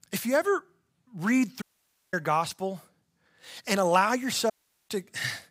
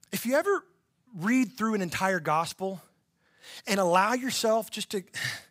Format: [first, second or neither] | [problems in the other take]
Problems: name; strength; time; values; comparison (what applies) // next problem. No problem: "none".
second | audio cutting out; at 1.5 s for 0.5 s and at 4.5 s